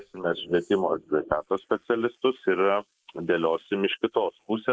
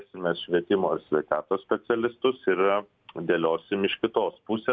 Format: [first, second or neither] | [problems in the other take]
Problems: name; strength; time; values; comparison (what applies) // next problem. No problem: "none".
second | noise reduction (neural mask model Resemble Enhance denoiser)